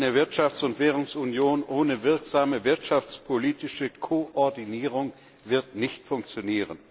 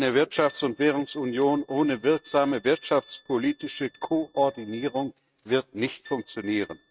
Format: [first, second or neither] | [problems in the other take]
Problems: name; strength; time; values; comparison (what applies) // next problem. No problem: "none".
first | noise reduction (neural mask model RNNoise)